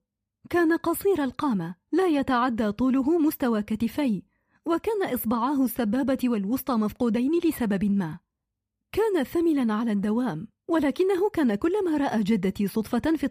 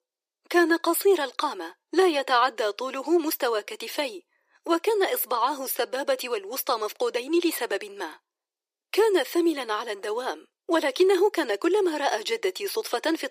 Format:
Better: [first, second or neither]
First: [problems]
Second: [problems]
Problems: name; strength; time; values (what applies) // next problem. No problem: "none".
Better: first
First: none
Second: thin; very; fading below 350 Hz